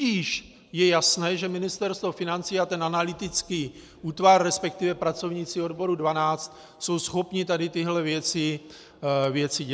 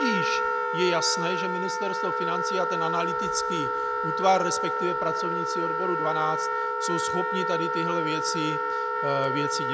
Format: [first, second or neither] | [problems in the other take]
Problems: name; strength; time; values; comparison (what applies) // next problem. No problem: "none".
first | background sound (Wind instrument, woodwind instrument); 2 dB above the speech